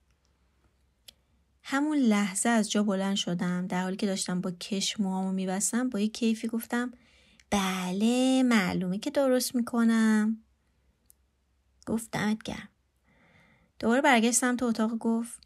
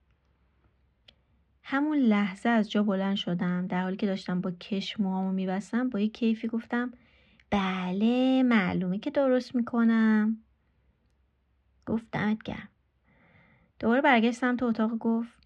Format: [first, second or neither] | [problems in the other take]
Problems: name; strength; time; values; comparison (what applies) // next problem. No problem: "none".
first | muffled; very; fading above 3 kHz